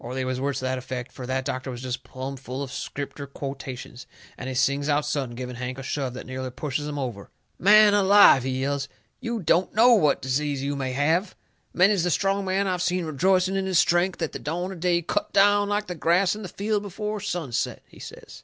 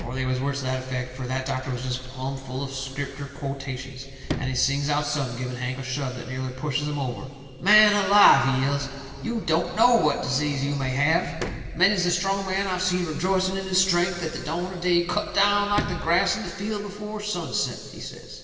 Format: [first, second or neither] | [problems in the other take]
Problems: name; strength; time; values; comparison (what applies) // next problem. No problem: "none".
first | background sound (Sliding door); 13 dB below the speech // room echo; dies away in 2.5 s